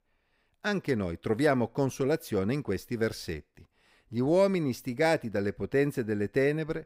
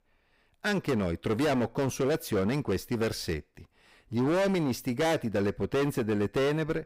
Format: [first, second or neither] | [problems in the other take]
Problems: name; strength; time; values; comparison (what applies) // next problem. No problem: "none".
first | distortion; heavy; 19% of the sound clipped